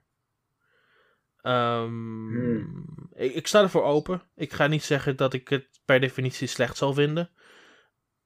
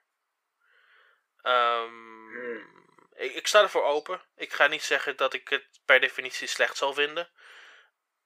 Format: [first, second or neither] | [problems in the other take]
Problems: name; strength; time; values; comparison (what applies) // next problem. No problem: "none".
first | thin; very; fading below 500 Hz